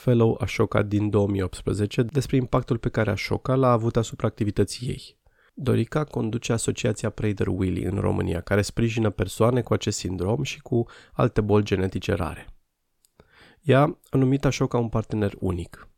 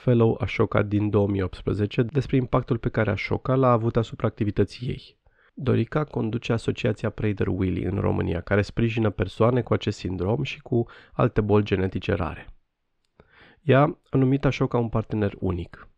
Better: first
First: none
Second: muffled; slightly; fading above 3 kHz

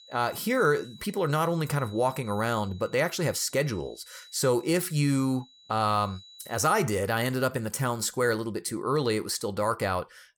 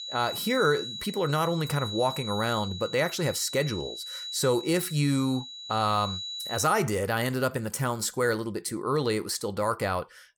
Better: first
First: high-pitched whine; faint; until 6.5 s; 4 kHz, 25 dB below the speech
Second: high-pitched whine; loud; until 6.5 s; 4 kHz, 8 dB below the speech

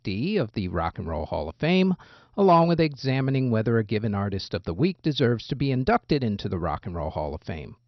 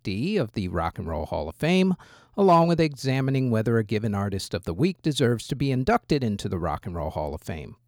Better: second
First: garbled, watery; slightly; nothing above 5 kHz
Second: none

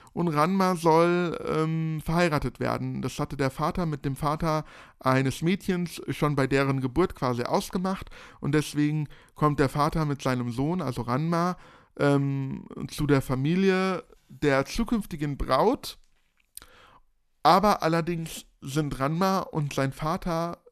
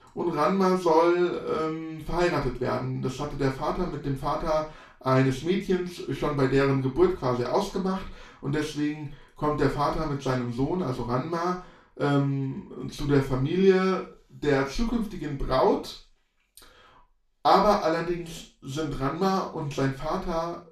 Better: first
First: none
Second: room echo; noticeable; dies away in 0.3 s // off-mic speech; far

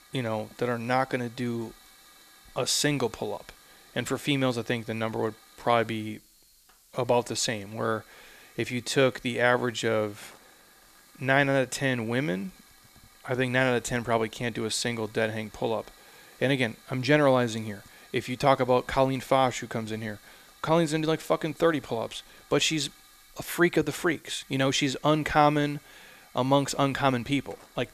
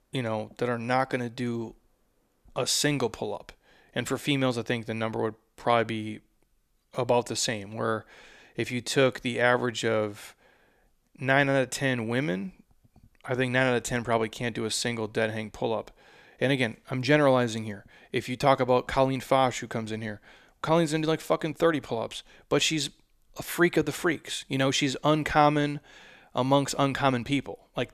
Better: second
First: hiss; faint; throughout; 25 dB below the speech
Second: none

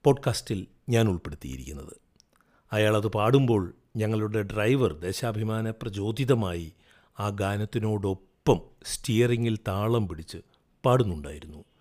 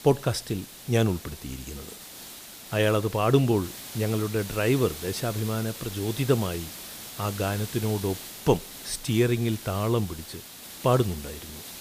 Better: first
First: none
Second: hiss; noticeable; throughout; 10 dB below the speech

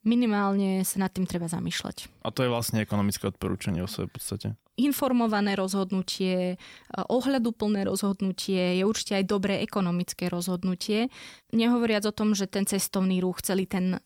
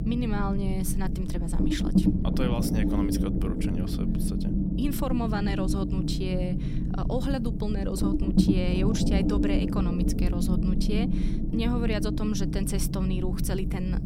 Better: first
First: none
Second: low rumble; loud; throughout; as loud as the speech

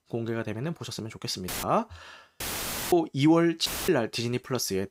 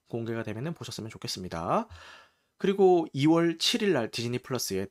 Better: second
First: audio cutting out; filled with static; at 1.5 s, at 2.5 s for 0.5 s and at 3.5 s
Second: none

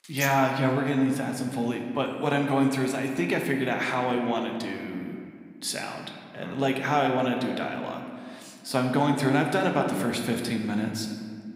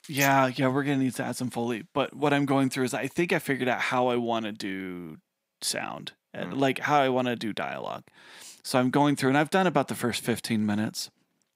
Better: second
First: room echo; slight; dies away in 1.7 s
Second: none

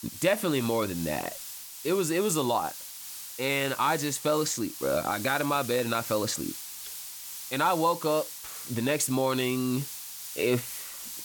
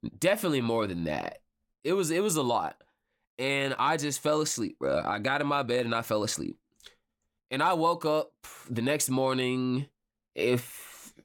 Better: second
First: hiss; loud; throughout; 10 dB below the speech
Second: none

